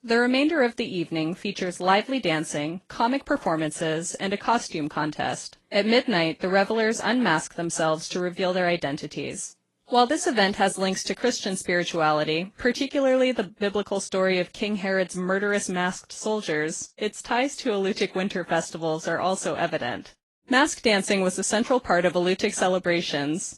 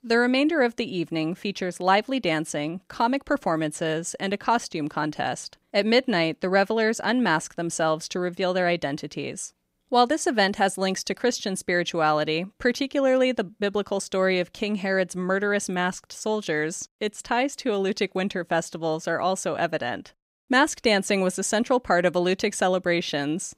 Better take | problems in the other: second | garbled, watery; slightly

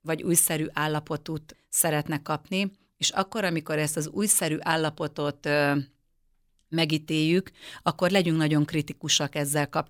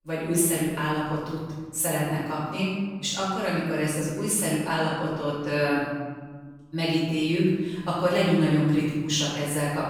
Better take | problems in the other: first | off-mic speech; far // room echo; strong; dies away in 1.3 s

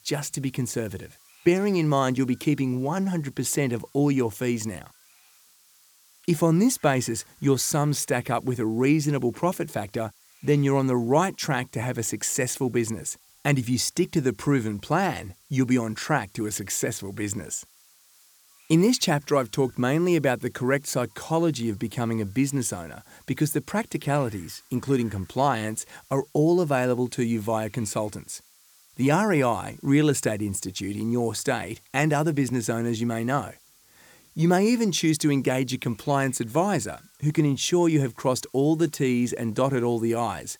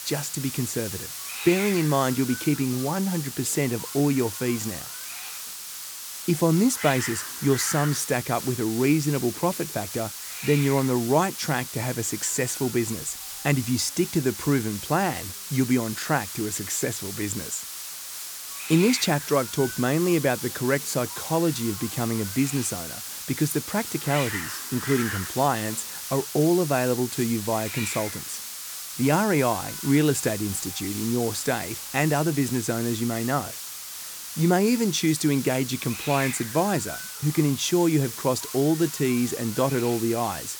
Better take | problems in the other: first | hiss; loud; throughout; 7 dB below the speech; faint in the first

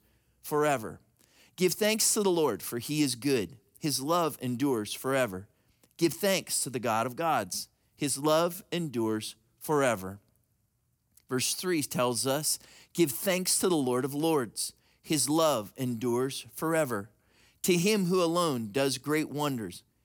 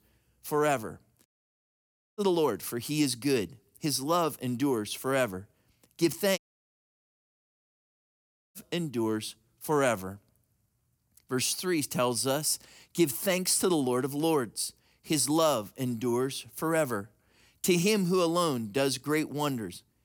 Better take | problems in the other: first | audio cutting out; at 1.5 s for 1 s and at 6.5 s for 2 s

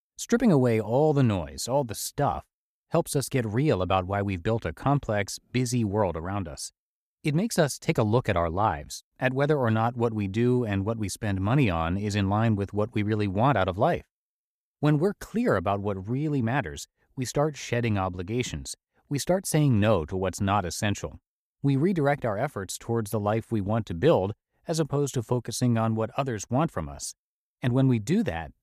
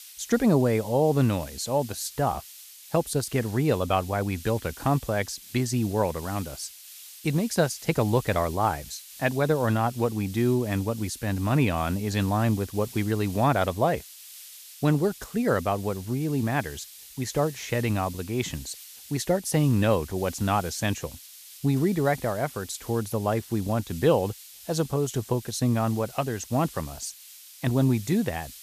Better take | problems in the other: first | hiss; noticeable; throughout; 15 dB below the speech

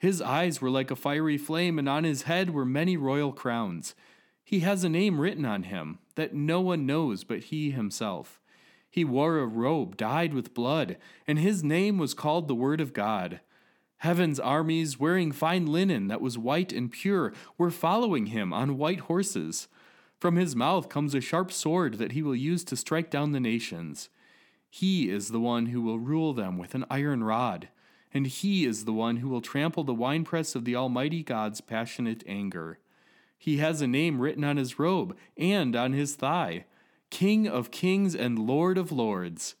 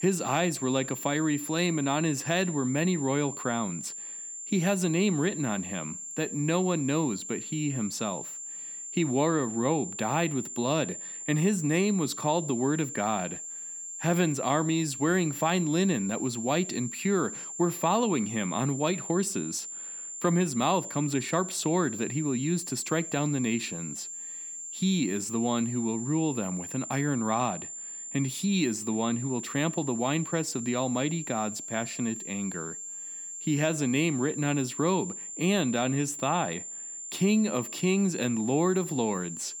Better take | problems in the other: first | high-pitched whine; loud; throughout; 7 kHz, 8 dB below the speech

